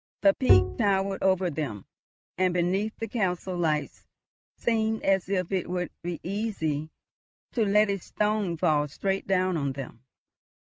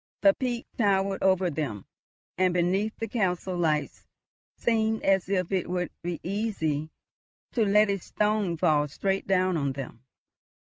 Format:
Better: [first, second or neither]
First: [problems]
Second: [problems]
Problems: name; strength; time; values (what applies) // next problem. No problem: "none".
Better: second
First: background sound (Bowed string instrument); 4 dB above the speech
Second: none